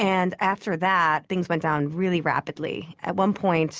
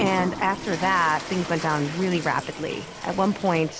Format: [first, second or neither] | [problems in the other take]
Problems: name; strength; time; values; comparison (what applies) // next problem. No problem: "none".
first | background sound (Toilet flush); 10 dB below the speech